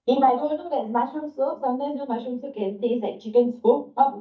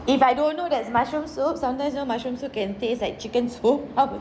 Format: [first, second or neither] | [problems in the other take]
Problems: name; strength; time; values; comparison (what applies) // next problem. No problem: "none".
second | noise reduction (neural mask model DeepFilterNet 3)